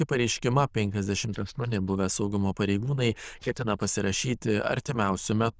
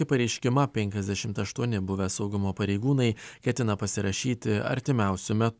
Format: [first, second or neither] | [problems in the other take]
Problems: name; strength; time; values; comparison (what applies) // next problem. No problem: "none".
second | noise reduction (neural diffusion model UNIVERSE++)